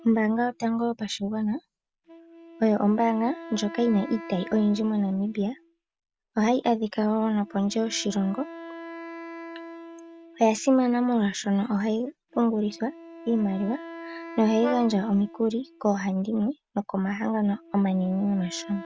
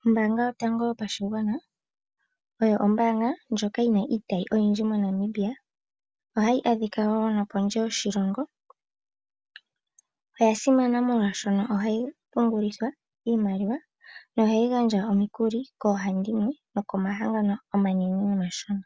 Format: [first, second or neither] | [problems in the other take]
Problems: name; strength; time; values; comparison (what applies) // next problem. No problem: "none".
second | background sound (Brass instrument + Wind instrument, woodwind instrument); 17 dB below the speech